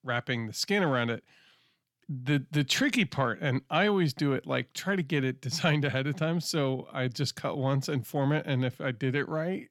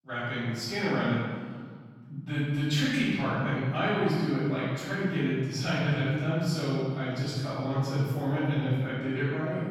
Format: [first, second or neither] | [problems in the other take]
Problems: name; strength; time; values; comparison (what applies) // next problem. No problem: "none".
first | off-mic speech; far // room echo; strong; dies away in 1.8 s